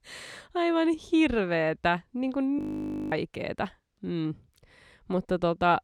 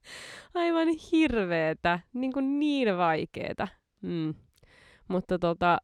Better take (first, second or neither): second